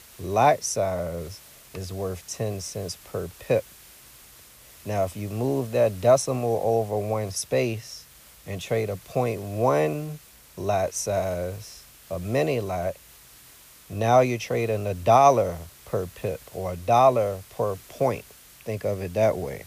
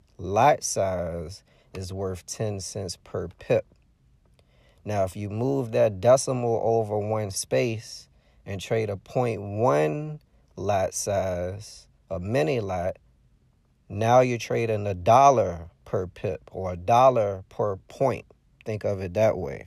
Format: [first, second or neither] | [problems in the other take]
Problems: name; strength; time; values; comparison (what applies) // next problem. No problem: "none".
second | hiss; faint; throughout; 20 dB below the speech